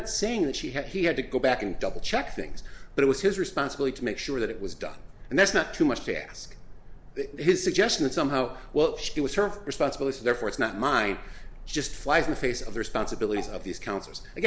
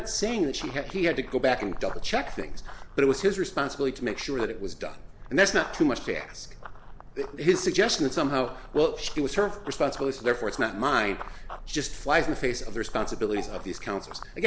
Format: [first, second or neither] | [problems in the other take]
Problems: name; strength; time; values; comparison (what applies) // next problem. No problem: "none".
first | background sound (Run); 20 dB below the speech